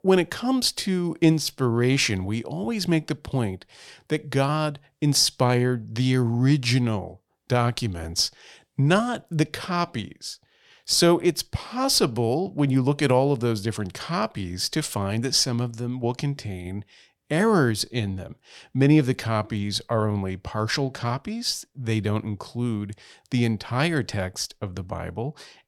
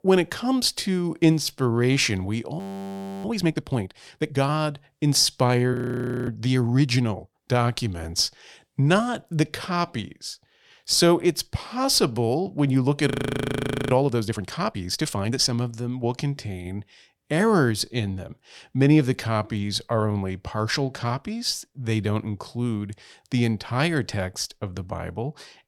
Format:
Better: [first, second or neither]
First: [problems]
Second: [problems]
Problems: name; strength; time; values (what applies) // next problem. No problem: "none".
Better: first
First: none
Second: audio freezing; at 2.5 s for 0.5 s, at 5.5 s for 0.5 s and at 13 s for 1 s